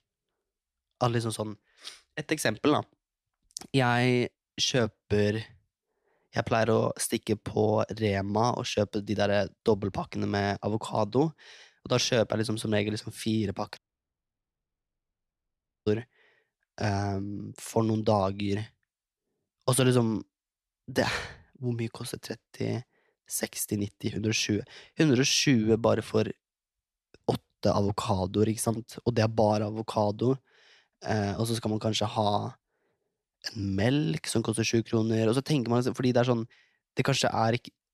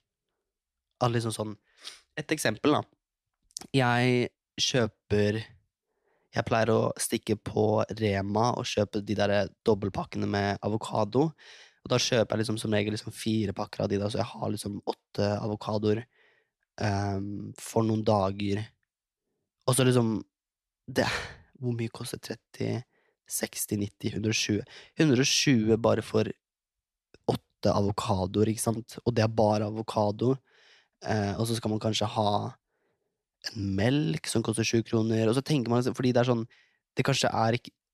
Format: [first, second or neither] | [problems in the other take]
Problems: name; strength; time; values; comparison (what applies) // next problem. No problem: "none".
second | audio cutting out; at 14 s for 2 s